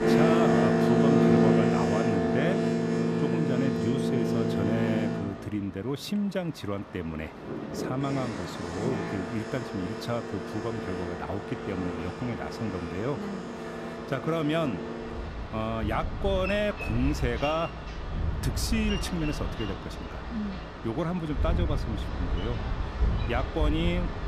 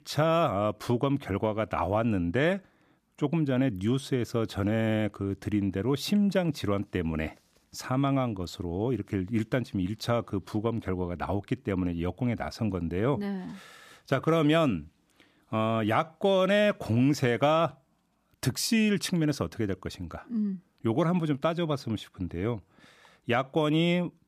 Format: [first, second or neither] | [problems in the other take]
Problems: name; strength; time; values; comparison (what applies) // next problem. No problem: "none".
second | train or aircraft noise; very loud; throughout; 3 dB above the speech